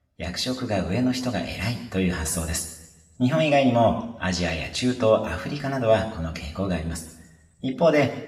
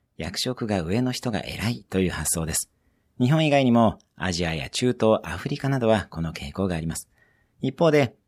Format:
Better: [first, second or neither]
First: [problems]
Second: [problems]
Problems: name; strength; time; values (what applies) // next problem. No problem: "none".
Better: second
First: room echo; slight; dies away in 0.8 s // off-mic speech; somewhat distant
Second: none